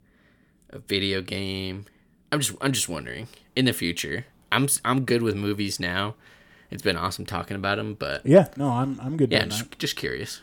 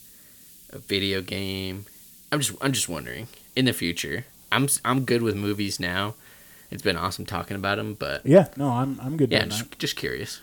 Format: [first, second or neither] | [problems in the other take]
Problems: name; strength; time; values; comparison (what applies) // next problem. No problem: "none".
first | hiss; faint; throughout; 25 dB below the speech